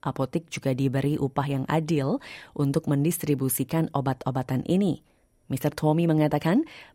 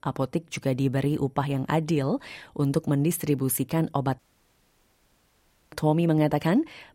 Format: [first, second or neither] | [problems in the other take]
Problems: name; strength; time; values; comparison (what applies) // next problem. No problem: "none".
first | audio cutting out; at 4 s for 1.5 s